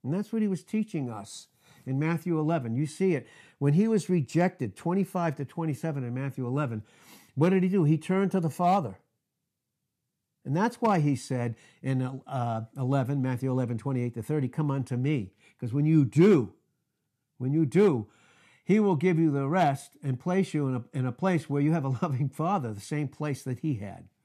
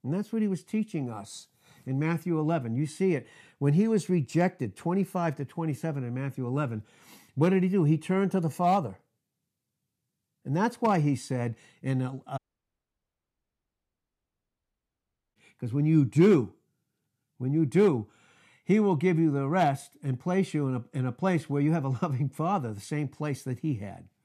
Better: first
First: none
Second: audio cutting out; at 12 s for 3 s

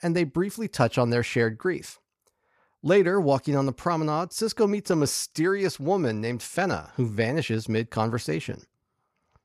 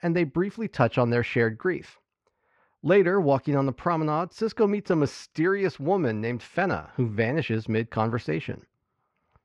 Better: first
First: none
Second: muffled; slightly; fading above 2.5 kHz

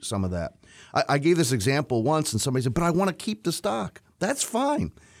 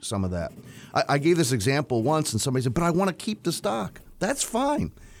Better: first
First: none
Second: household noises; faint; throughout; 25 dB below the speech

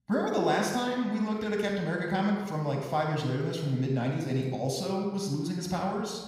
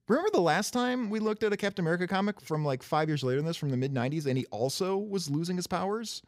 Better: second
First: room echo; noticeable; dies away in 1 s // off-mic speech; somewhat distant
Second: none

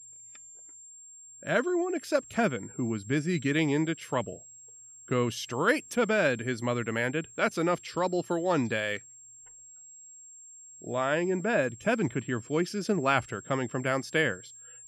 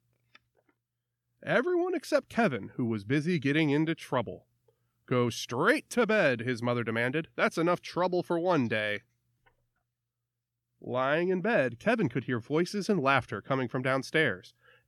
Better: second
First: high-pitched whine; noticeable; throughout; 7.5 kHz, 20 dB below the speech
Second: none

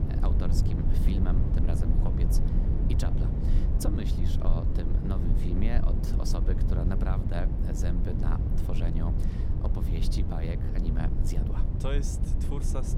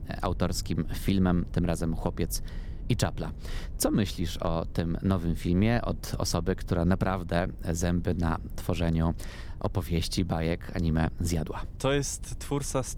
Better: second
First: low rumble; loud; throughout; 1 dB below the speech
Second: low rumble; faint; throughout; 25 dB below the speech

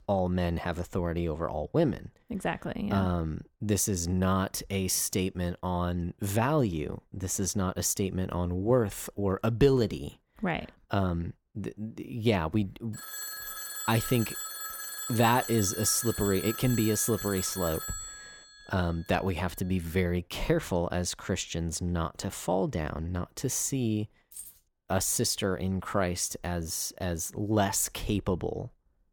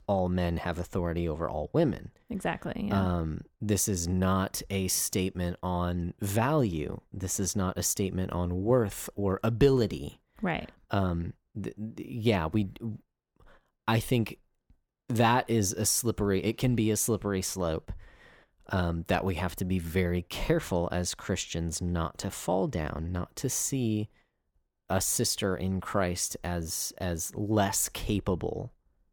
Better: second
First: phone ringing; noticeable; from 13 to 19 s; peak 5 dB below the speech // jangling keys; faint; at 24 s; peak 15 dB below the speech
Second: none

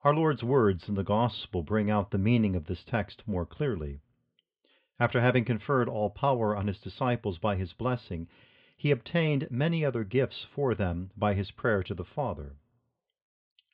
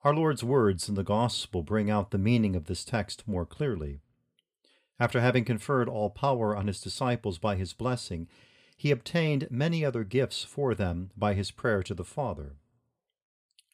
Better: second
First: muffled; very; fading above 3.5 kHz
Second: none

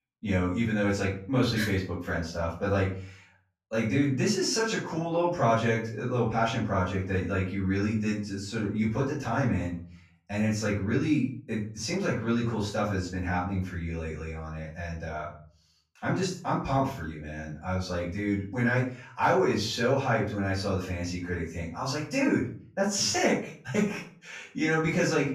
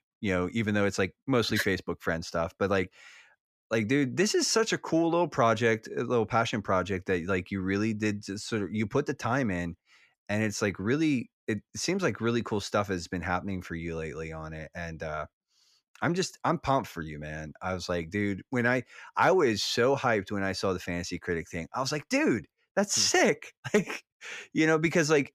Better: second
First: off-mic speech; far // room echo; noticeable; dies away in 0.5 s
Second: none

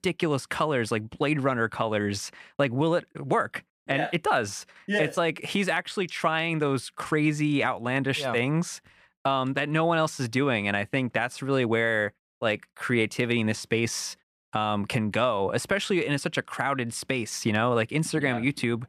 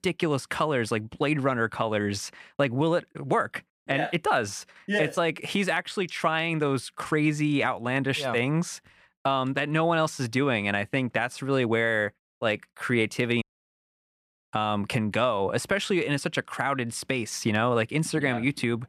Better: first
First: none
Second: audio cutting out; at 13 s for 1 s

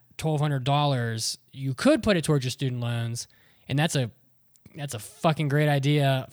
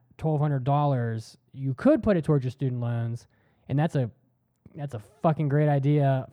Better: first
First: none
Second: muffled; very; fading above 2 kHz

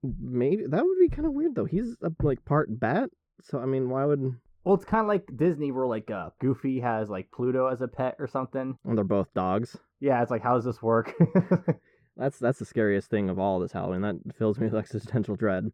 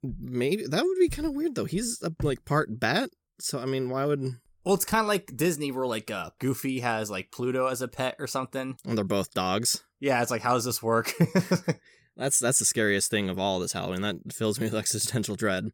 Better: second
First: muffled; very; fading above 3 kHz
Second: none

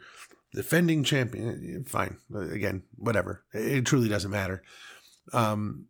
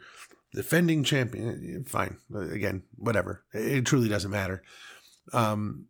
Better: neither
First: none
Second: none

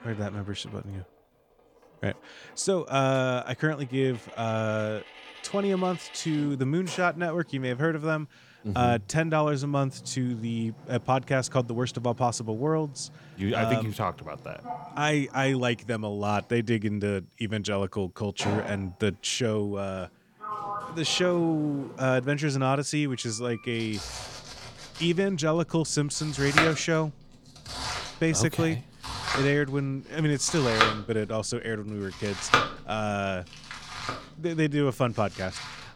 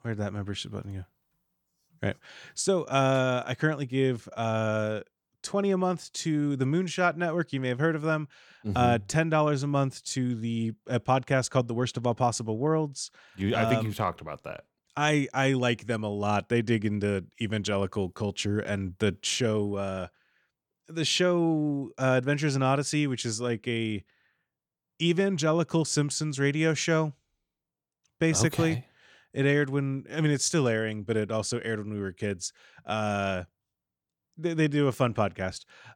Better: second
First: household noises; loud; throughout; 5 dB below the speech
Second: none

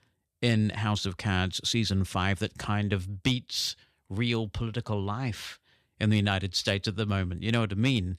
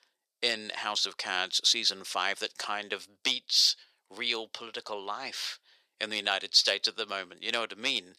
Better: first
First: none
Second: thin; very; fading below 450 Hz

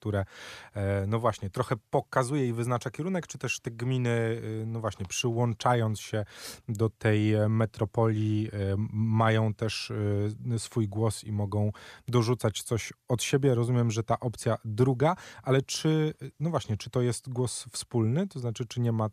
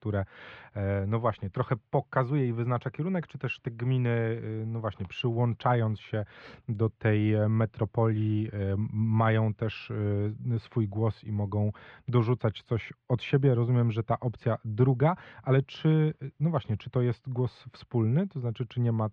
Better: first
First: none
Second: muffled; very; fading above 3 kHz

